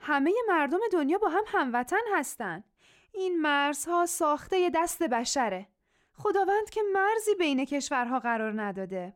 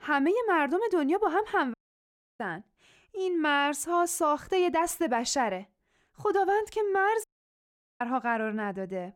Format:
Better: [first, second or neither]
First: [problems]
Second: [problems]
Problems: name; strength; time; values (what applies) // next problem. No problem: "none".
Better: first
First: none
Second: audio cutting out; at 1.5 s for 0.5 s and at 7 s for 1 s